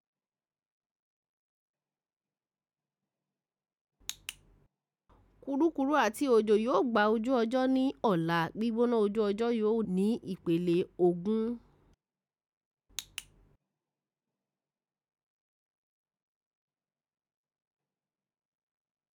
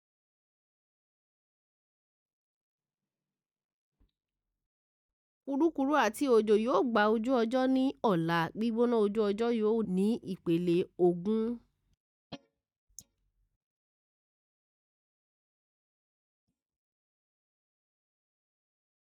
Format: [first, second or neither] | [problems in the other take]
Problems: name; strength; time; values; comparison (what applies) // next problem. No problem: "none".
first | noise reduction (neural mask model DeepFilterNet 3)